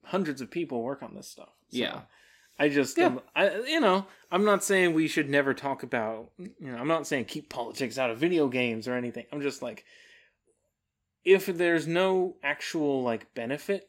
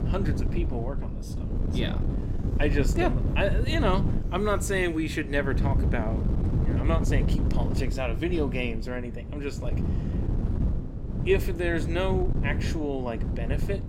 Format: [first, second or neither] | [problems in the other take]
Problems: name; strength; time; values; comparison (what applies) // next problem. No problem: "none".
first | wind noise on the microphone; heavy; 8 dB below the speech